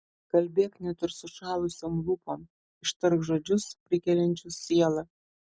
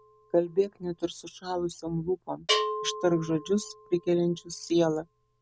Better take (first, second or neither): first